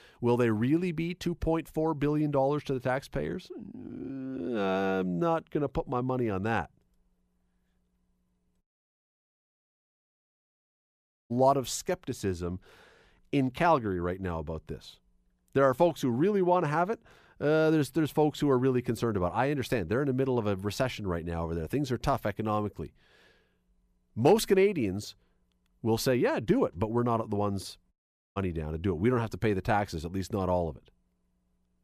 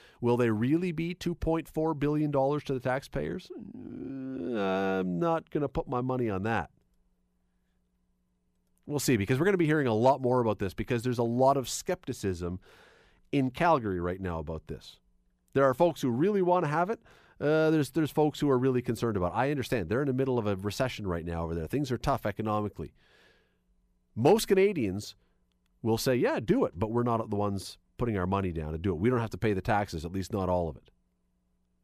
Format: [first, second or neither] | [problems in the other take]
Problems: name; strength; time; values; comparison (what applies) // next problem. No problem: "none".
second | audio cutting out; at 8.5 s for 2.5 s and at 28 s